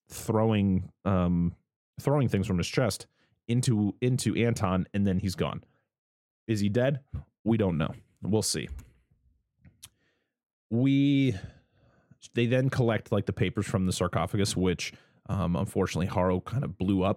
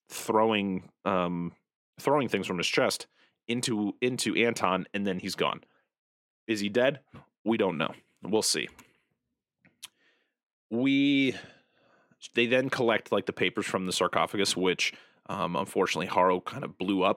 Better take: first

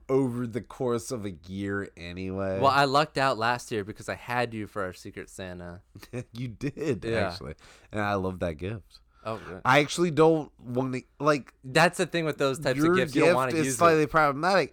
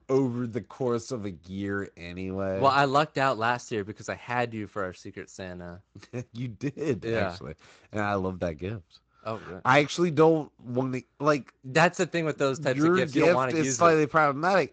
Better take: first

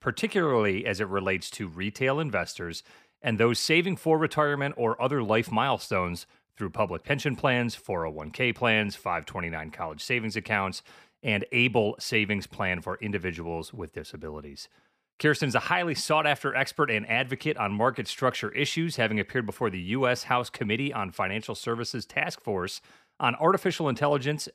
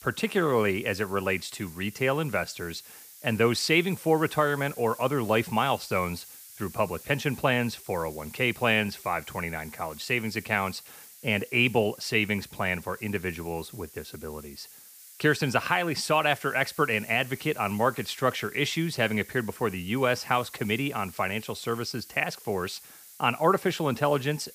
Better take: first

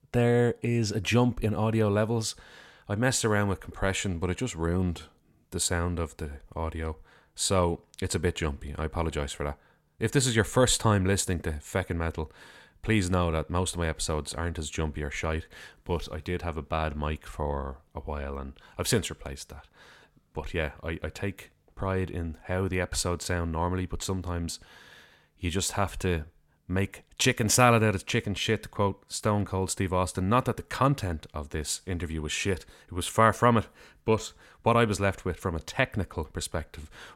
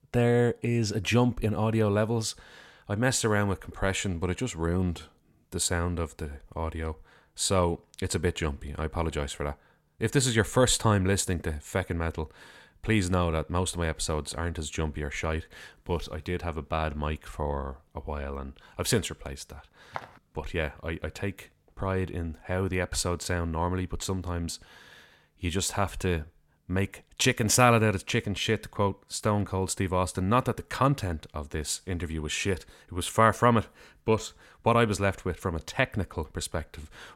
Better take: first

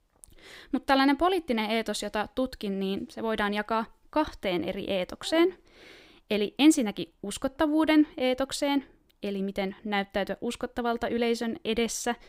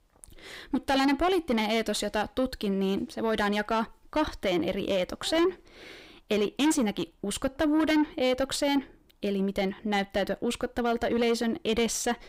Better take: first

